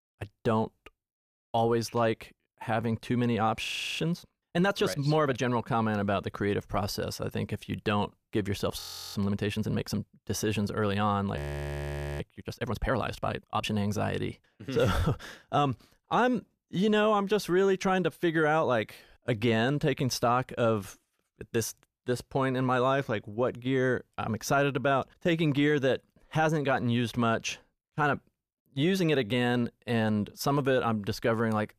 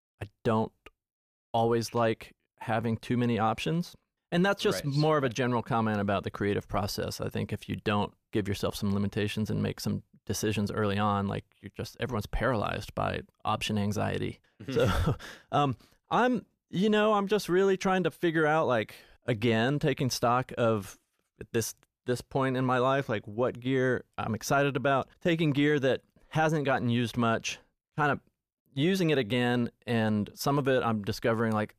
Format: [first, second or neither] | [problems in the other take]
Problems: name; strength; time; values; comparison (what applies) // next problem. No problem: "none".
second | audio freezing; at 3.5 s, at 9 s and at 11 s for 1 s